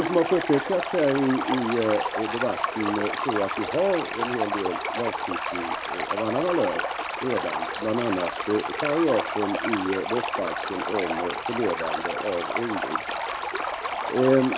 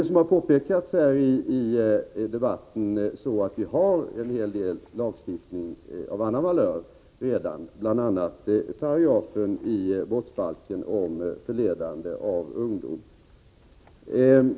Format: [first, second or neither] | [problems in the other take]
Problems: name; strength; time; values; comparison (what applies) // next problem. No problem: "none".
second | background sound (Stream); 3 dB below the speech